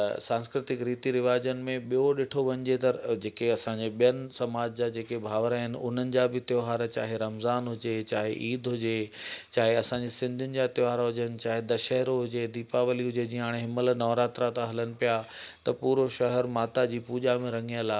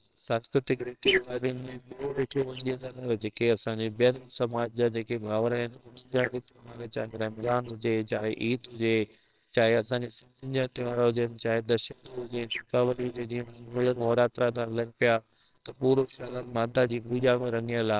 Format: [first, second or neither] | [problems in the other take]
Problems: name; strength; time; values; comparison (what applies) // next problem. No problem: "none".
first | noise reduction (neural separator model SepFormer WHAMR!)